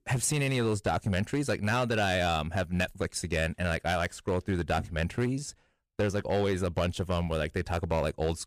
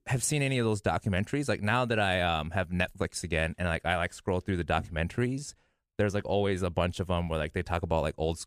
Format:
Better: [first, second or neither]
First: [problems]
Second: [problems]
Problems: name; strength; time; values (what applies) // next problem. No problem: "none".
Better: second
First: distortion; slight; 7% of the sound clipped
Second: none